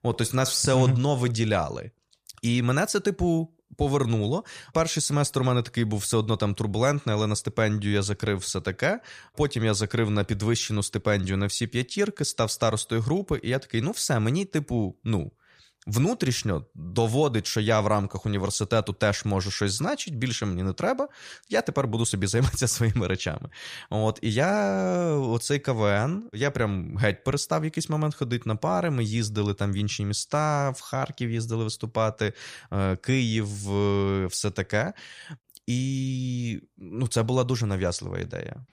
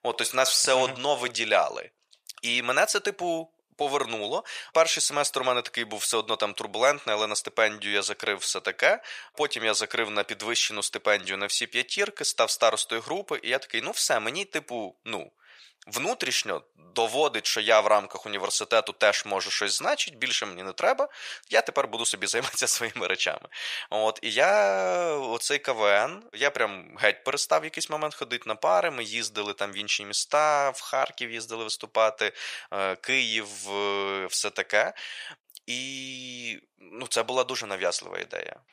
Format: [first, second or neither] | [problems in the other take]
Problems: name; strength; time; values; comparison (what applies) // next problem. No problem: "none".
first | thin; very; fading below 650 Hz